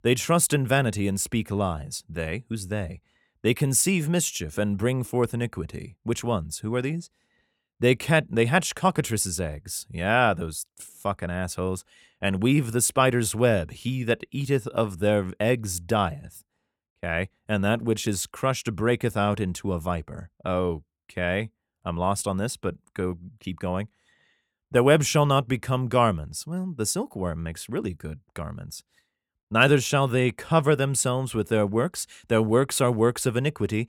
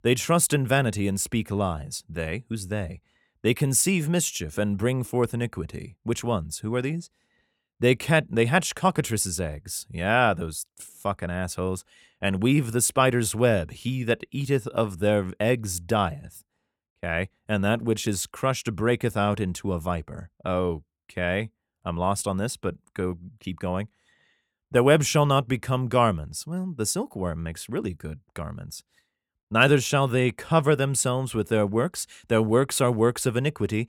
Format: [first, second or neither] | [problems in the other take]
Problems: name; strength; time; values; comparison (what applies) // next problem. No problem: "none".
neither | none